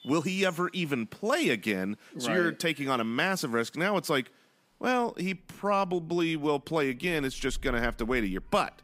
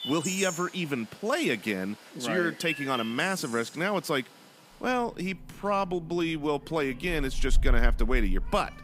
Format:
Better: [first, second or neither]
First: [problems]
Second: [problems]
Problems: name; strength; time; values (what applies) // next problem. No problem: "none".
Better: first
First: animal sounds; faint; throughout; 20 dB below the speech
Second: animal sounds; loud; throughout; 5 dB below the speech